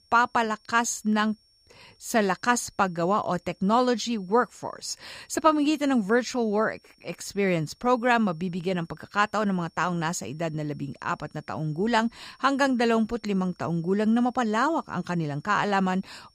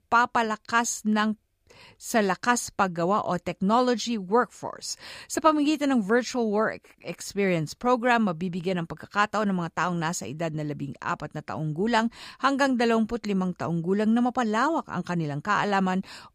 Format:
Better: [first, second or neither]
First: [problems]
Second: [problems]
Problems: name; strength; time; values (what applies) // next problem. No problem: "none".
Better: second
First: high-pitched whine; faint; throughout; 5.5 kHz, 35 dB below the speech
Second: none